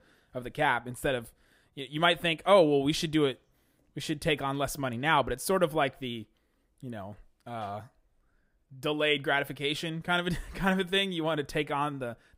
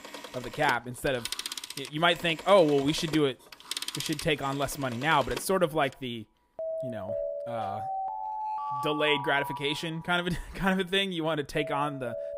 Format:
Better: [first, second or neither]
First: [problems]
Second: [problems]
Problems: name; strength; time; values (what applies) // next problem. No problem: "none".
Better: first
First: none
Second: alarms or sirens; loud; throughout; 9 dB below the speech